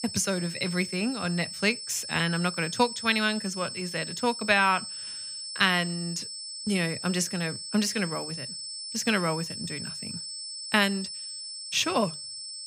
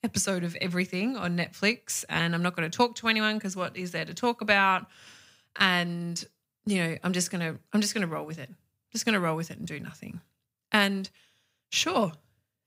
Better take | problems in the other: second | high-pitched whine; loud; throughout; 5.5 kHz, 7 dB below the speech

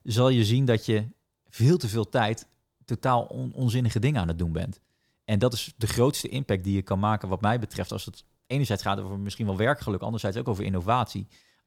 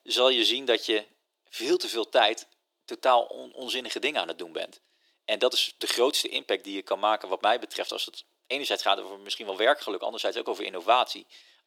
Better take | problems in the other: first | thin; very; fading below 350 Hz

